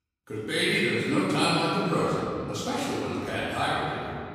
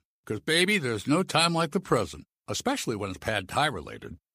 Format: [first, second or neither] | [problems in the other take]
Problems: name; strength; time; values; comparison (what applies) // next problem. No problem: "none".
second | off-mic speech; far // room echo; strong; dies away in 2.3 s